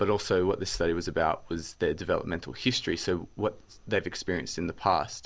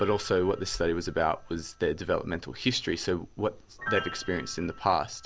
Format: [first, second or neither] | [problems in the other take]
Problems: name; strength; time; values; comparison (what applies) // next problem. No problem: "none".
first | background sound (Piano); 15 dB below the speech